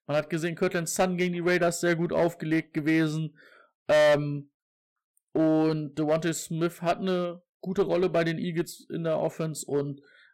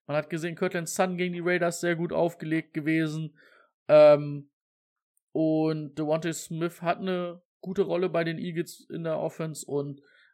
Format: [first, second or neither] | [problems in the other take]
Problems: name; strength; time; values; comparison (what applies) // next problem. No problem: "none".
second | distortion; heavy; 5% of the sound clipped